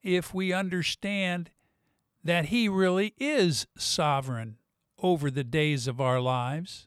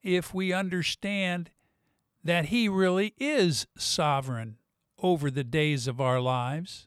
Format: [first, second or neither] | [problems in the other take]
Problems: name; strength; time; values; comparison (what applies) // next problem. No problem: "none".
neither | none